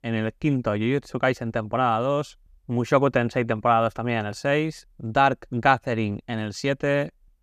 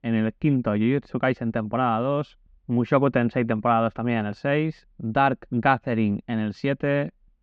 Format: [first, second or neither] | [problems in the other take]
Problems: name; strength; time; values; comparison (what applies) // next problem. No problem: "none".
first | muffled; slightly; fading above 3.5 kHz